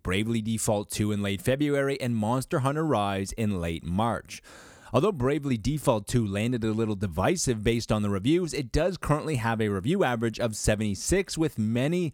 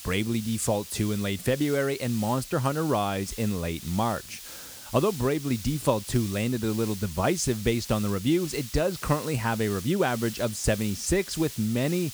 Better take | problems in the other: first | hiss; noticeable; throughout; 10 dB below the speech

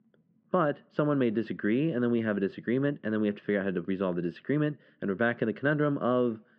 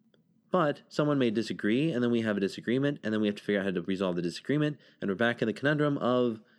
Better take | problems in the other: second | muffled; very; fading above 2.5 kHz

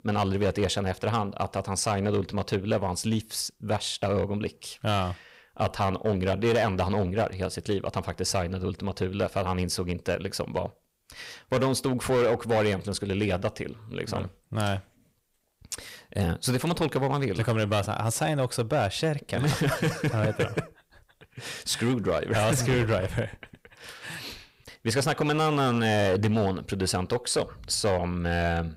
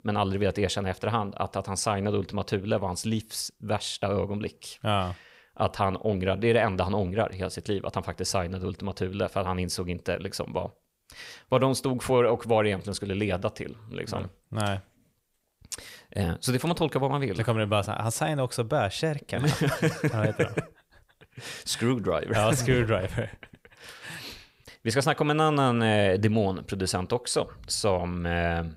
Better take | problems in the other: second | distortion; slight; 6% of the sound clipped

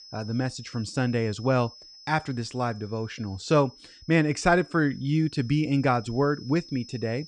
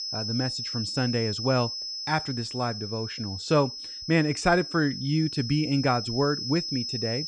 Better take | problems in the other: first | high-pitched whine; loud; throughout; 5 kHz, 5 dB below the speech; faint in the first

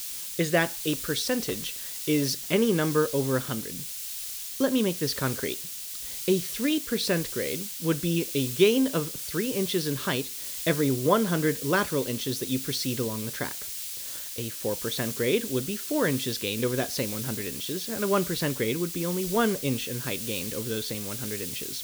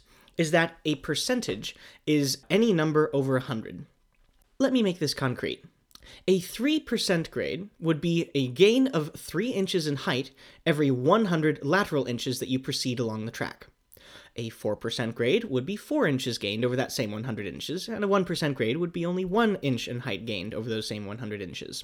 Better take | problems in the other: second | hiss; loud; throughout; 5 dB below the speech

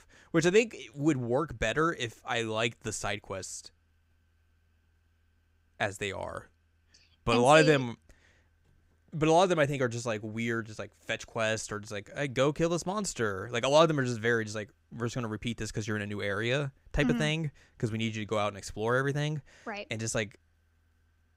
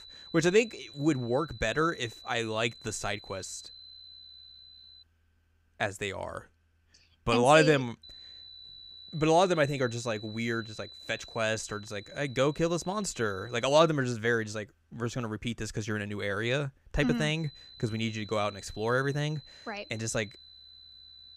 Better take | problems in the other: first | high-pitched whine; noticeable; until 5 s, from 8 to 14 s and from 17 s on; 4 kHz, 20 dB below the speech

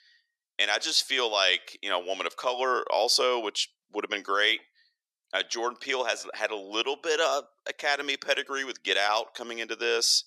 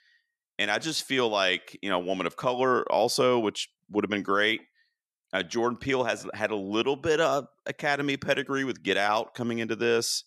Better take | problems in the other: second | thin; somewhat; fading below 450 Hz

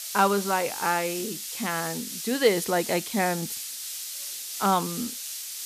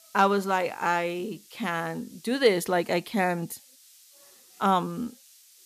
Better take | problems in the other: second | hiss; loud; throughout; 6 dB below the speech; faint in the second

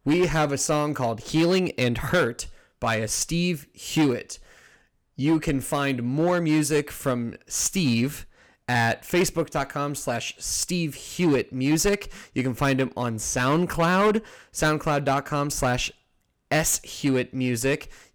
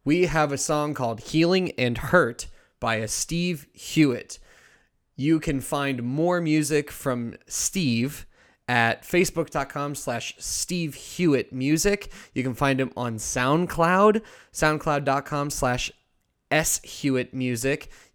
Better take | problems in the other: second | distortion; slight; 5% of the sound clipped

